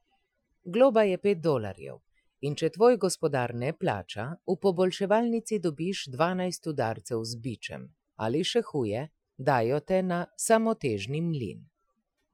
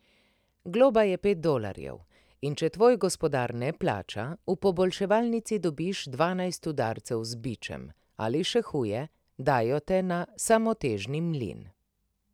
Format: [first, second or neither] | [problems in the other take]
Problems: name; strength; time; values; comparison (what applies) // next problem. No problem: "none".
second | noise reduction (classical method Wiener filter)